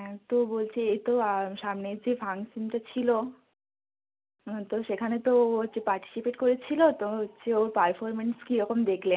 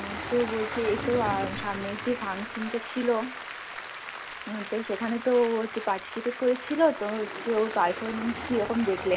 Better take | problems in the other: first | background sound (Engine + Applause); 9 dB below the speech

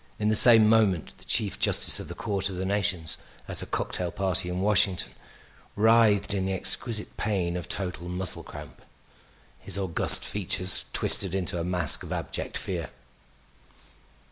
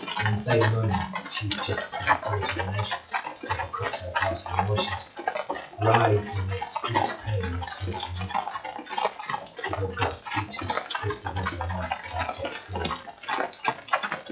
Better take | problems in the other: first | noise reduction (classical method WPE with log-MMSE)

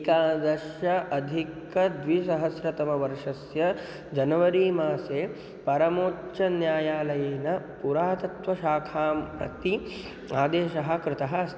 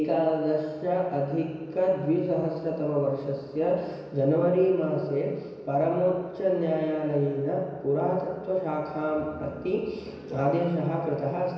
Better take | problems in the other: first | room echo; dies away in 1 s

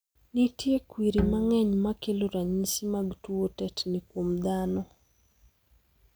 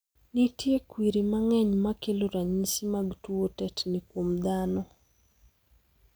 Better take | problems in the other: second | background sound (Bowed string instrument); 5 dB below the speech

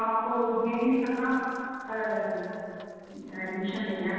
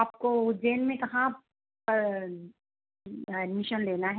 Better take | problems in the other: second | noise reduction (neural separator model SepFormer DNS4)

